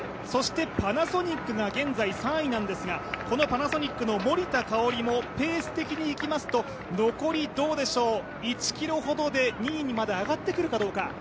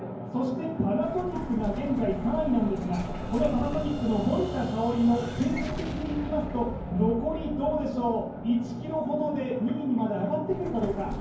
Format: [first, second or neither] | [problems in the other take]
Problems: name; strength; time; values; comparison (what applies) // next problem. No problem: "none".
first | background sound (Explosion); 11 dB below the speech // room echo; dies away in 0.9 s